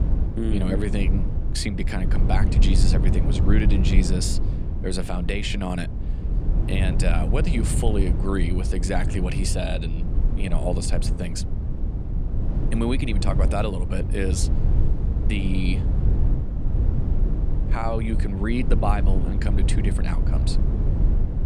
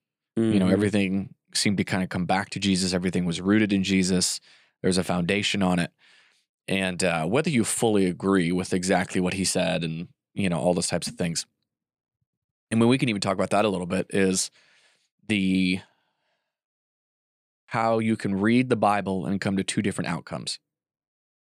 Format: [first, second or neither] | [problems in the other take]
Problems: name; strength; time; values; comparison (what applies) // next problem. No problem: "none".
second | low rumble; loud; throughout; 7 dB below the speech